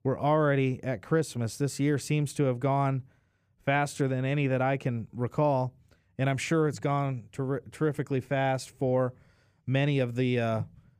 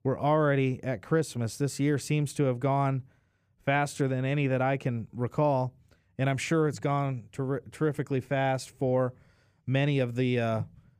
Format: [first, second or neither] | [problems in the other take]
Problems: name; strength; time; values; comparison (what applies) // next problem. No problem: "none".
neither | none